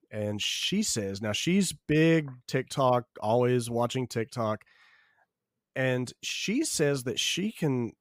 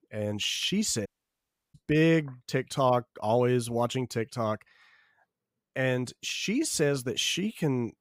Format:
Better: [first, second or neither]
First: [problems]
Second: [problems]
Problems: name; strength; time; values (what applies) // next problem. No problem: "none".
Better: first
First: none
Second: audio cutting out; at 1 s for 0.5 s